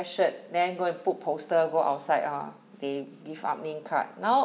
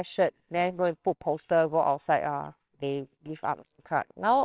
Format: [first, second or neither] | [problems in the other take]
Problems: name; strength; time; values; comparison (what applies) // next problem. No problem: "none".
first | noise reduction (neural separator model SepFormer WHAMR!)